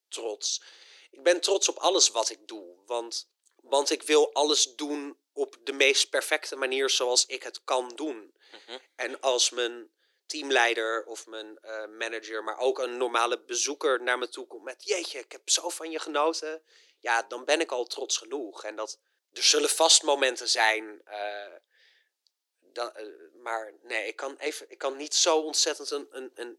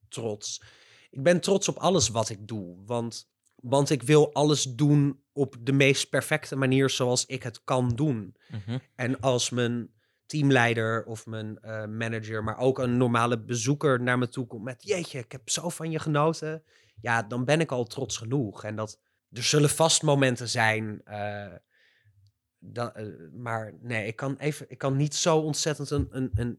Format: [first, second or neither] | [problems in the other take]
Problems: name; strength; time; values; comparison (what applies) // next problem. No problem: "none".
second | thin; very; fading below 350 Hz